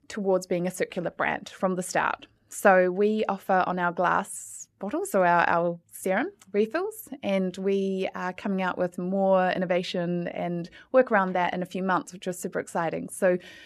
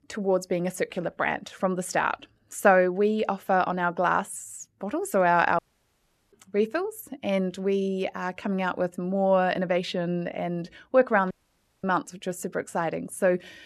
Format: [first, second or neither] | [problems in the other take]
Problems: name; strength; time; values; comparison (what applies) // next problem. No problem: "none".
first | audio cutting out; at 5.5 s for 0.5 s and at 11 s for 0.5 s